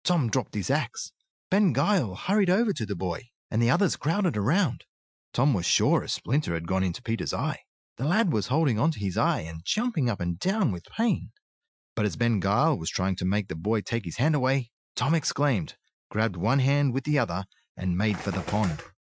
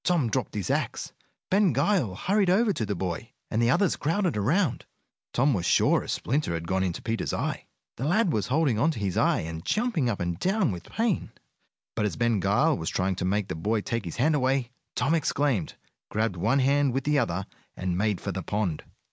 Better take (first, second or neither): second